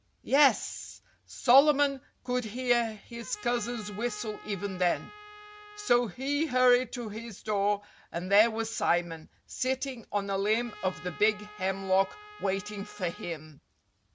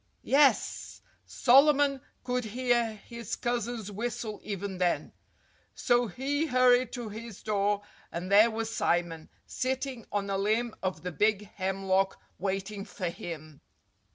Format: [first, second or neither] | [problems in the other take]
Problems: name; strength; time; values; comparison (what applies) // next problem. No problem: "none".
second | background sound (Trumpet); 19 dB below the speech